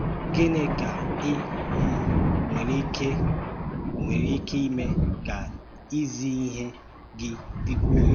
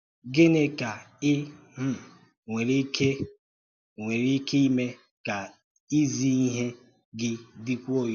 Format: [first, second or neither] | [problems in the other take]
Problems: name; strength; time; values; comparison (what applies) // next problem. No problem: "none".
second | background sound (Thunder); 4 dB above the speech